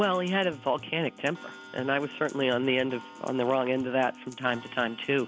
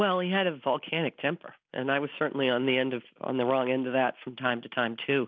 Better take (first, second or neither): second